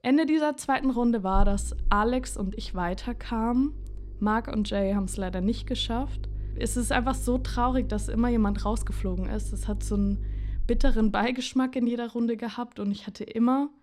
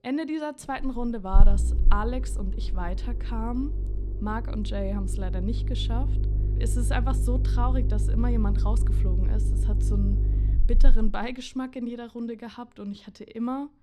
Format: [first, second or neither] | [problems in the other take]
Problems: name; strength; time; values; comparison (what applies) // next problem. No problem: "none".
first | low rumble; loud; throughout; 10 dB below the speech; faint in the first